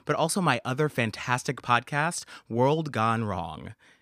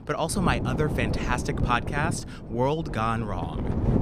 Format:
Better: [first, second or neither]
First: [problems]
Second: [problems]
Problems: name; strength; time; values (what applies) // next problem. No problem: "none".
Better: first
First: none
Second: wind noise on the microphone; heavy; 9 dB below the speech